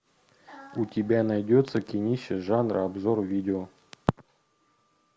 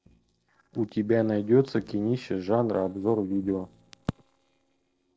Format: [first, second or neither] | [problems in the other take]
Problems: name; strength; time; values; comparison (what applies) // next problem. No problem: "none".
first | noise reduction (neural separator model SepFormer DNS4)